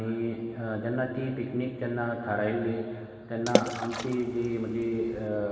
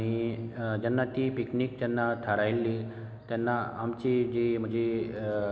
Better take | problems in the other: second | background sound (Water / Splash, splatter); 1 dB below the speech // room echo; dies away in 2.4 s

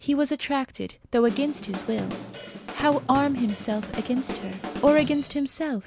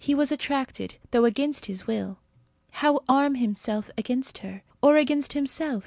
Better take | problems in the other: second | background sound (Drum kit); 12 dB below the speech

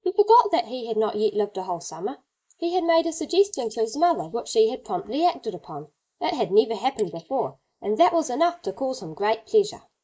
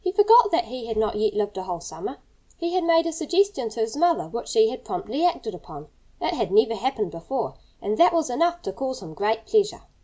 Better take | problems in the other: second | noise reduction (neural mask model Resemble Enhance denoiser)

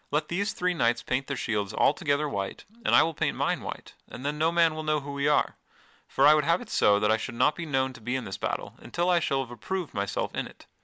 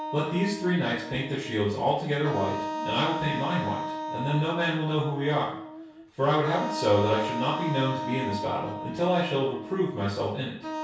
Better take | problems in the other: first | background sound (Wind instrument, woodwind instrument); 7 dB below the speech // room echo; dies away in 0.6 s

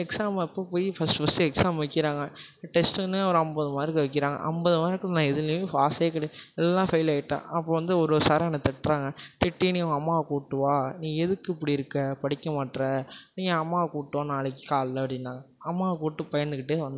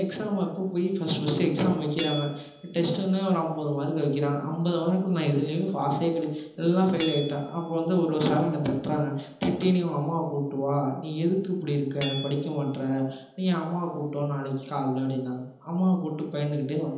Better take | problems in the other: first | background sound (Hammer / Chink, clink); 20 dB below the speech // room echo; dies away in 0.9 s

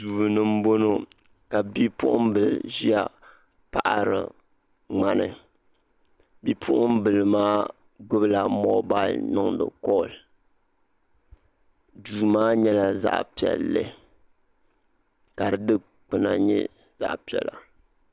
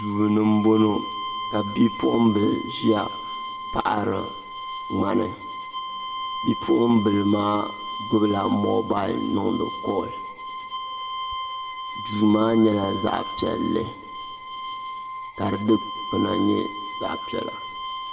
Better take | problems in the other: first | background sound (Bowed string instrument); 8 dB below the speech // room echo; dies away in 1.7 s

